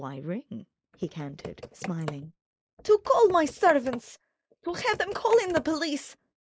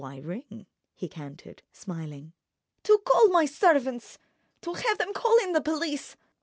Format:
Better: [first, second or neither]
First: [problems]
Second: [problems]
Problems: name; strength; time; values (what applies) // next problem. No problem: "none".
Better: second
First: noise reduction (neural mask model Resemble Enhance denoiser)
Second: none